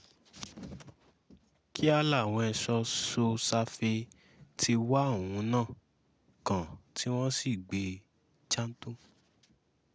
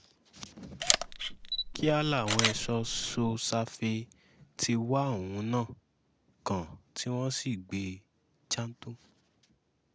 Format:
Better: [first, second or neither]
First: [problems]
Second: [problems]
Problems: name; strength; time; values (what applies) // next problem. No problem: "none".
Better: first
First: none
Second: background sound (Camera); 1 dB above the speech